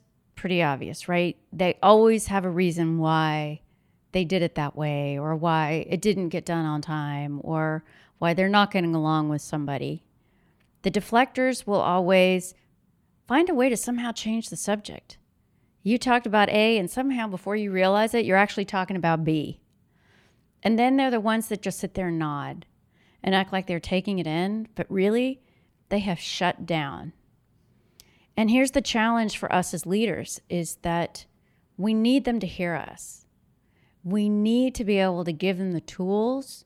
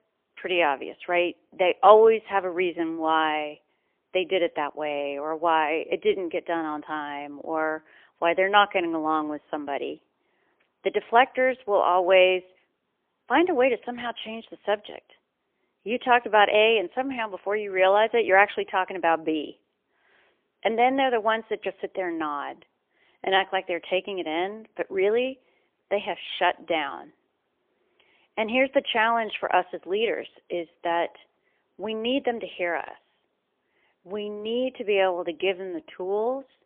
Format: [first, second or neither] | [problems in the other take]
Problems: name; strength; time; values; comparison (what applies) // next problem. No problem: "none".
first | phone-call audio; poor line; nothing above 3.5 kHz